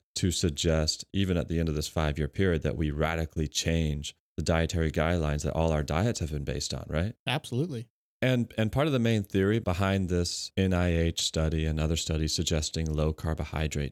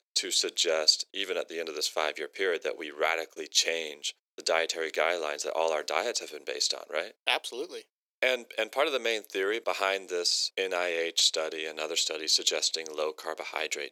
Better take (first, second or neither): first